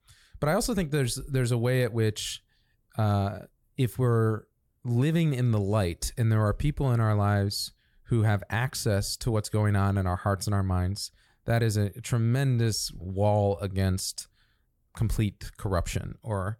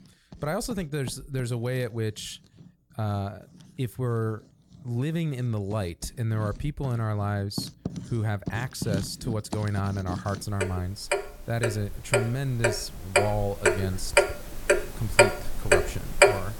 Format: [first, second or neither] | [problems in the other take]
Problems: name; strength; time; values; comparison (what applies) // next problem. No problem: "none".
first | household noises; very loud; throughout; 4 dB above the speech